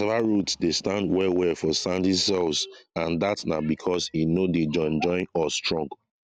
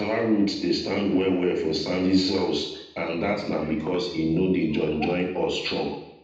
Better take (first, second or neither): first